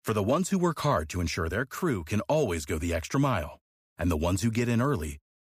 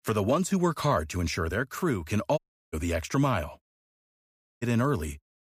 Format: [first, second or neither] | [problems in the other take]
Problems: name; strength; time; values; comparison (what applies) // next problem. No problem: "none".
first | audio cutting out; at 2.5 s and at 4 s for 1 s